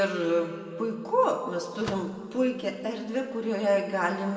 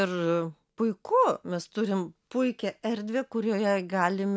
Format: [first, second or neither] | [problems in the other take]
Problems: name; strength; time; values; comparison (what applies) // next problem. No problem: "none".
second | background sound (Slam / Microwave oven); 15 dB below the speech // room echo; dies away in 2.1 s